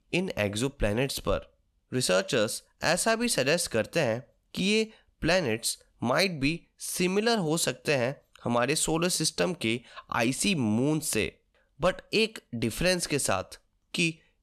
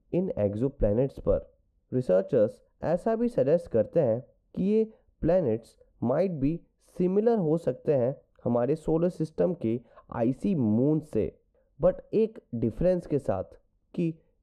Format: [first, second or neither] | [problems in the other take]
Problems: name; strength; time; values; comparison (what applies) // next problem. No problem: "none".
first | muffled; very; fading above 1.5 kHz